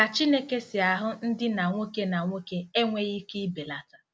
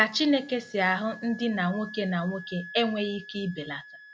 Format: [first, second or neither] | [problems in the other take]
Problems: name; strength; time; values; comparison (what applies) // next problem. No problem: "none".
first | background sound (Wind instrument, woodwind instrument); 17 dB below the speech